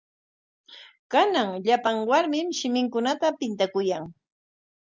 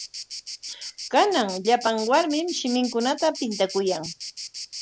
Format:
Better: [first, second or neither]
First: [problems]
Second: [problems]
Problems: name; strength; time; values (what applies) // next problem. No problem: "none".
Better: first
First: none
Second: background sound (Insect); 12 dB below the speech